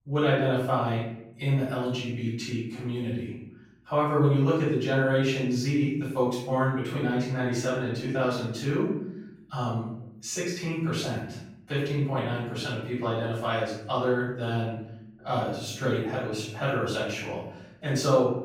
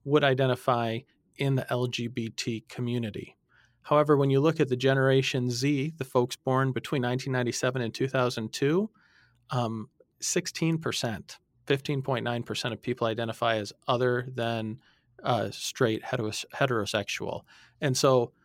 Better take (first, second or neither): second